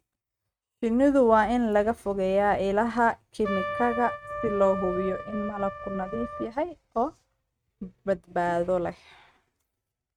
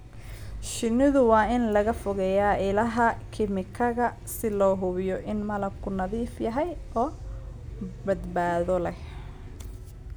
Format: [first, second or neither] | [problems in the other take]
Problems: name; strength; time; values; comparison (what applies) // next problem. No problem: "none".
second | noise reduction (neural mask model RNNoise)